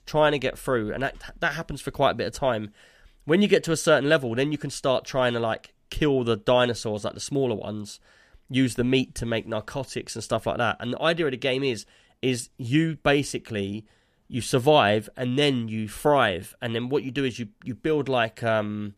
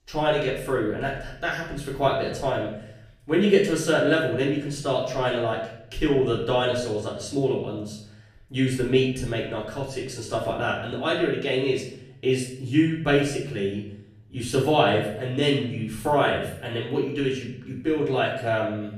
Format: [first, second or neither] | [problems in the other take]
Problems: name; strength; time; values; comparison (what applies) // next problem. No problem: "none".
first | off-mic speech; far // room echo; noticeable; dies away in 0.7 s